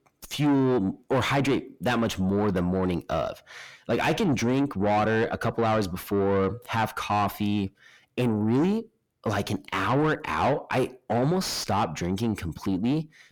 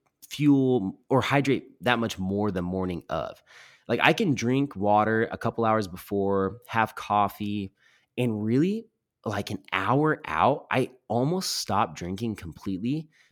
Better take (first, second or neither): second